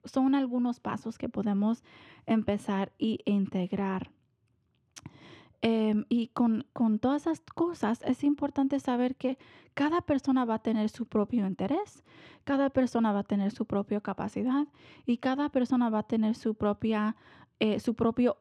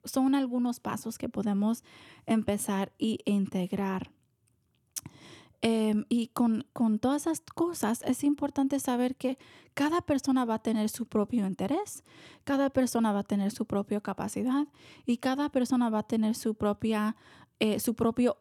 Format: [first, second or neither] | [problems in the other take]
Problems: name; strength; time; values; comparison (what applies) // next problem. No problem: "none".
second | muffled; slightly; fading above 3.5 kHz